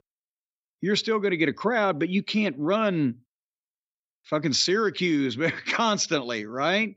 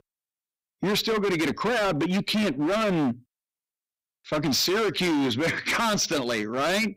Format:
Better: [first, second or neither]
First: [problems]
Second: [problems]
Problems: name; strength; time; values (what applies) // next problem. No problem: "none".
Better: first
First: none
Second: distortion; heavy; 26% of the sound clipped